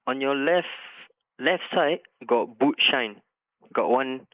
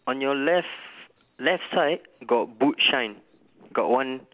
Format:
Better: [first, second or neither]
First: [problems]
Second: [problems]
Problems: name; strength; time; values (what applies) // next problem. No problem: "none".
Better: second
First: noise reduction (neural mask model Resemble Enhance denoiser)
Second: none